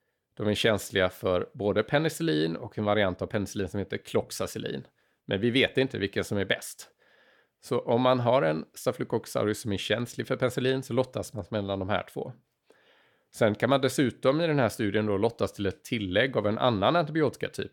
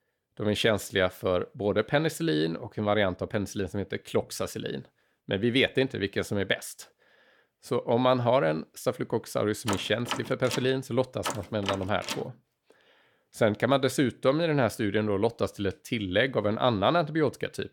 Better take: first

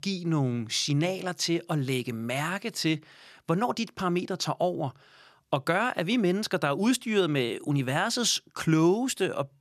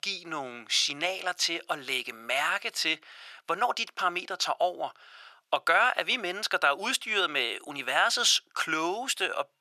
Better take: first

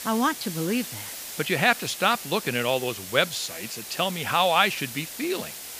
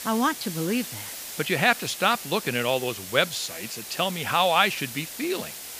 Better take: neither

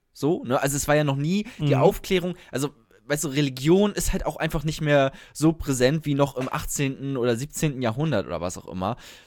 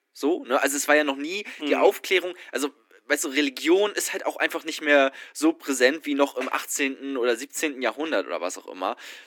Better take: first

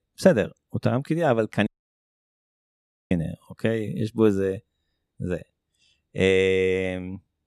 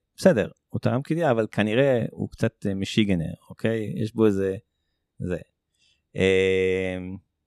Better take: second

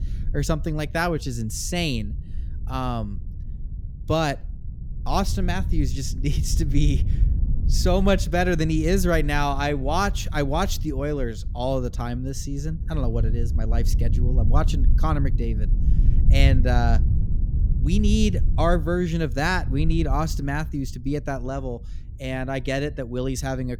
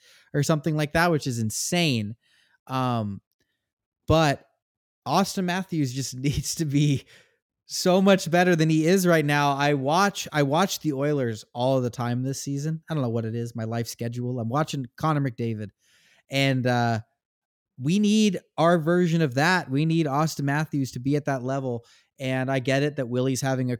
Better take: second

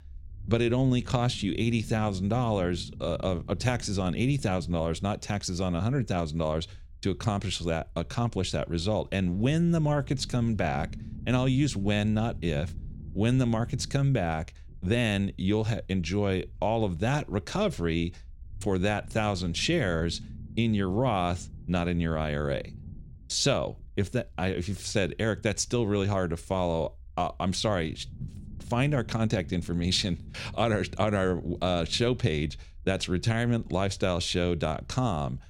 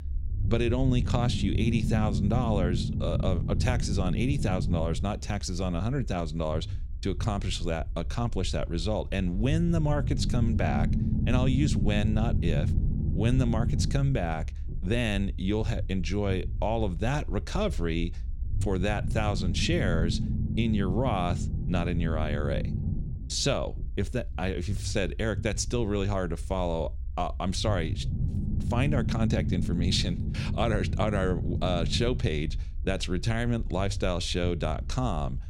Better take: first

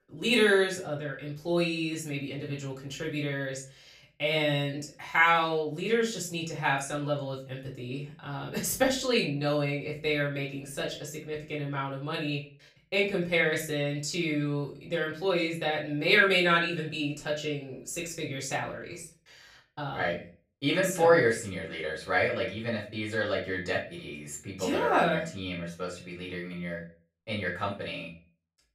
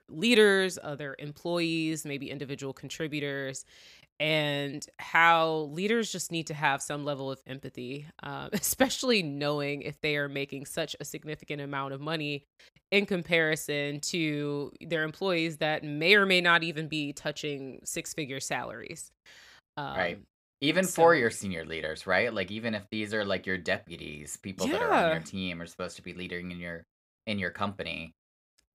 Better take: second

